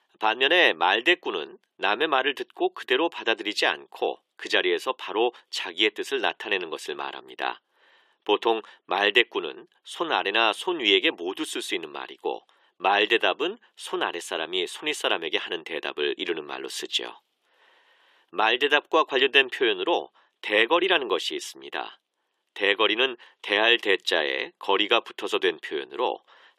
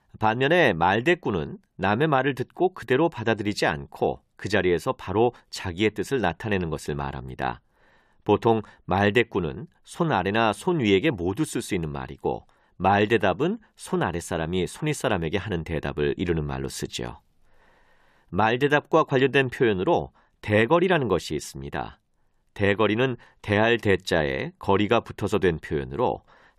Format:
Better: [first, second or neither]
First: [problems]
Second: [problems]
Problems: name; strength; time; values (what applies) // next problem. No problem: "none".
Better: second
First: thin; very; fading below 350 Hz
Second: none